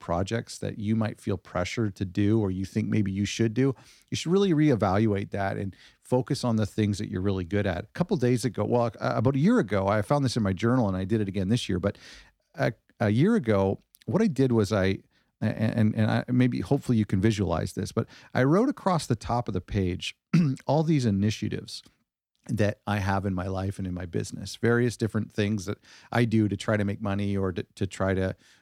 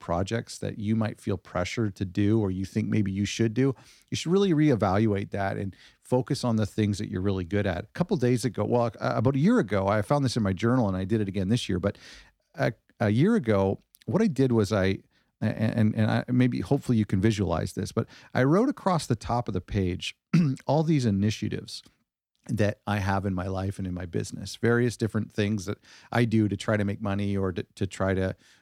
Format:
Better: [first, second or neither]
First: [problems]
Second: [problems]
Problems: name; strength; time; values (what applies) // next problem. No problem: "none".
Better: neither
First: none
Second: none